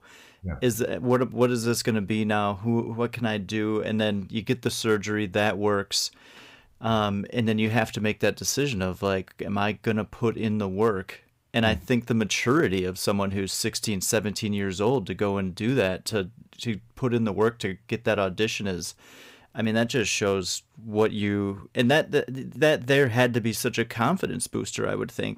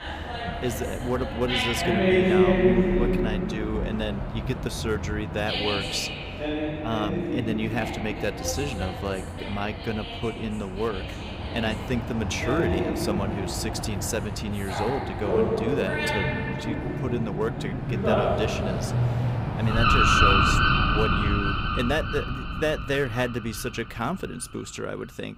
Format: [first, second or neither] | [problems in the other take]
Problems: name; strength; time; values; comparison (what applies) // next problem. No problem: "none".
first | animal sounds; very loud; throughout; 4 dB above the speech